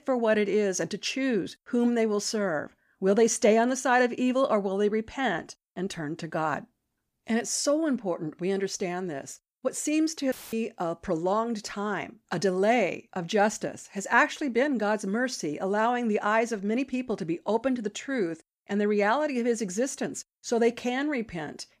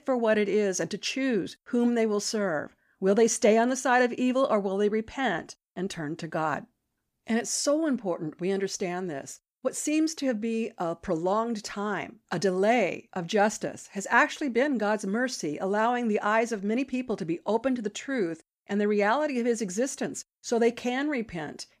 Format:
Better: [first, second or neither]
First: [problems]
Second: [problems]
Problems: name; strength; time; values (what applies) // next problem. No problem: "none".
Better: second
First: audio cutting out; filled with static; at 10 s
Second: none